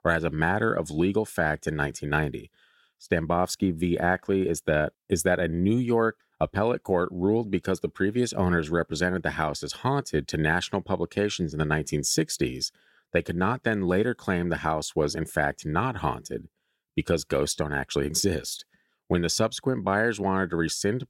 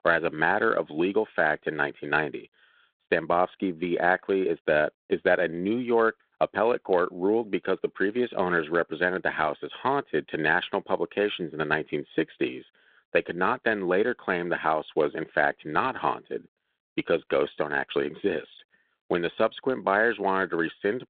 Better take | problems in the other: first | phone-call audio; nothing above 3.5 kHz

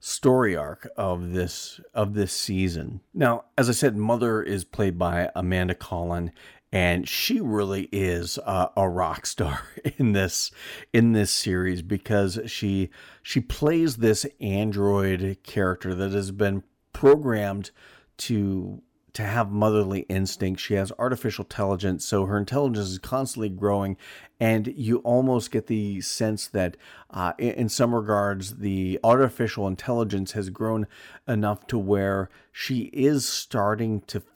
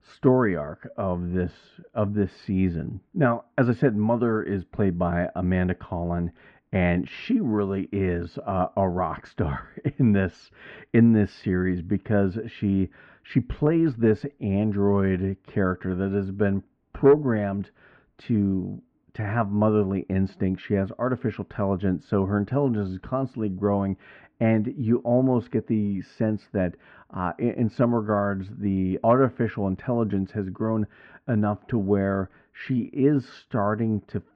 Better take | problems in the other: first | muffled; very; fading above 2 kHz

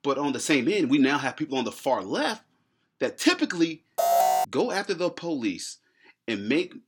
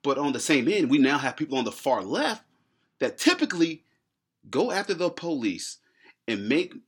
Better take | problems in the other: second | alarm; loud; at 4 s; peak 5 dB above the speech

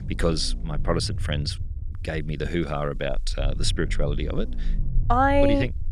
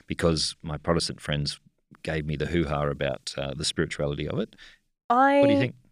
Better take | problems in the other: second | low rumble; faint; throughout; 20 dB below the speech

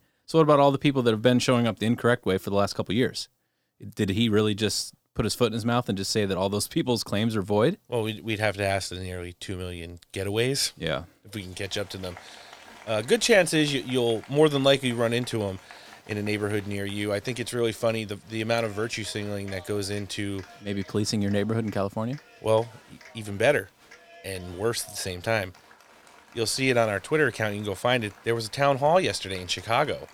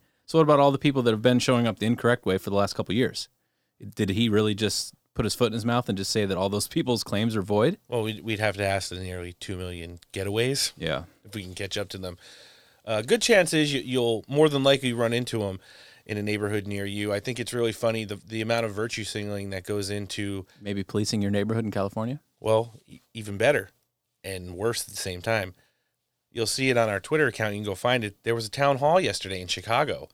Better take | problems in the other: second | crowd noise; faint; from 12 s on; 25 dB below the speech

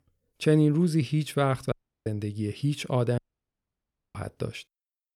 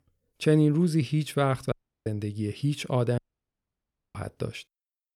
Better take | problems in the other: neither | audio cutting out; at 1.5 s and at 3 s for 1 s; the same in both

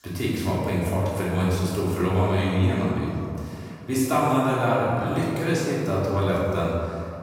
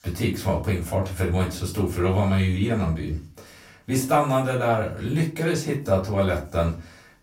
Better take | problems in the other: second | room echo; strong; dies away in 2.4 s; slight in the second // off-mic speech; far; far in the second

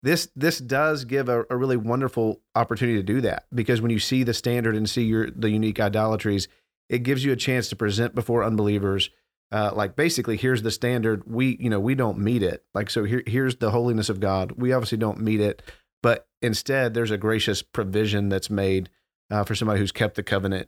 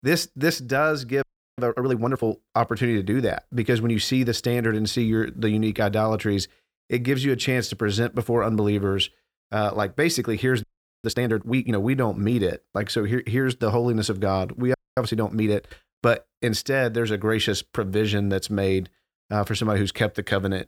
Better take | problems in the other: first | audio freezing; at 1 s, at 11 s and at 15 s

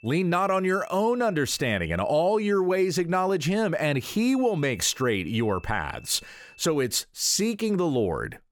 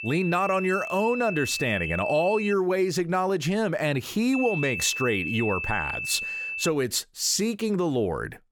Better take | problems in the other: first | high-pitched whine; loud; until 2.5 s and from 4.5 to 6.5 s; 2.5 kHz, 5 dB below the speech; faint in the first

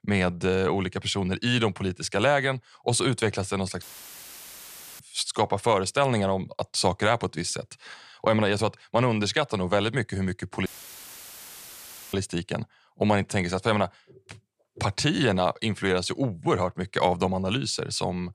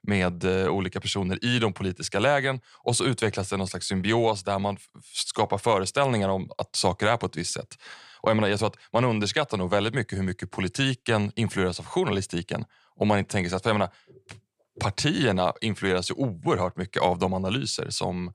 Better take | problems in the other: second | audio cutting out; filled with static; at 4 s for 1 s and at 11 s for 1.5 s

